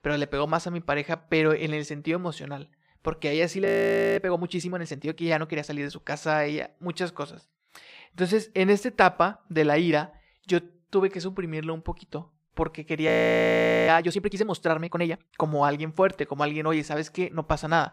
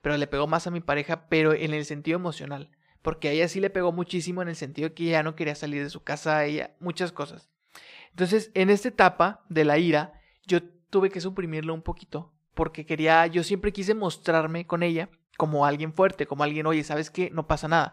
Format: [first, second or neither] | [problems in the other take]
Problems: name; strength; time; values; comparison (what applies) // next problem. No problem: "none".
second | audio freezing; at 3.5 s for 0.5 s and at 13 s for 1 s